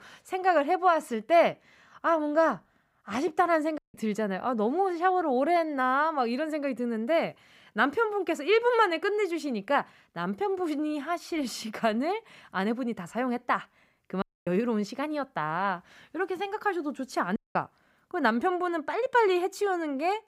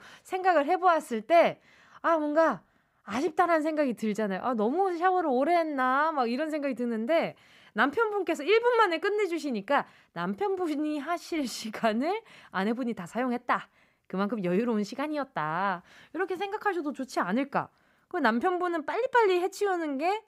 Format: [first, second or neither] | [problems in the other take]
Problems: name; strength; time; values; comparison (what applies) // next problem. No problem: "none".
second | audio cutting out; at 4 s, at 14 s and at 17 s